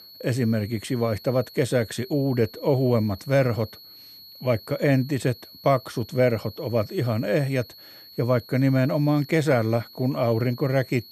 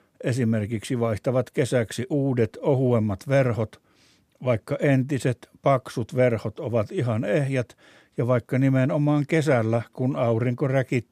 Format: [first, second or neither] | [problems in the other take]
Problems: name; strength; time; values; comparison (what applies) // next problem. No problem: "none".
second | high-pitched whine; noticeable; throughout; 4.5 kHz, 20 dB below the speech